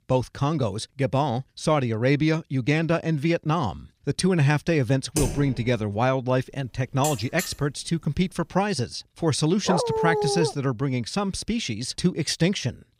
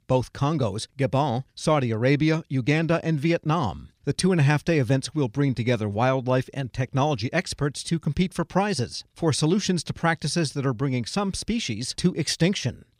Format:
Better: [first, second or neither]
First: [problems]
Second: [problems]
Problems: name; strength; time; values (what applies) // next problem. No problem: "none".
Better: second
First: keyboard typing; noticeable; at 5 s; peak 4 dB below the speech // alarm; noticeable; from 6.5 to 7.5 s; peak 6 dB below the speech // dog barking; loud; at 9.5 s; peak level with the speech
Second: none